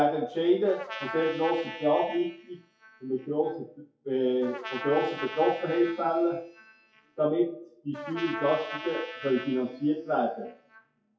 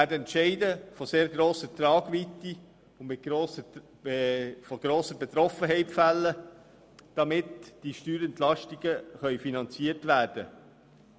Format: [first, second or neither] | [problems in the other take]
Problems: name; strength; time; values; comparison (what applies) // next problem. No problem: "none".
second | noise reduction (classical method WPE with log-MMSE)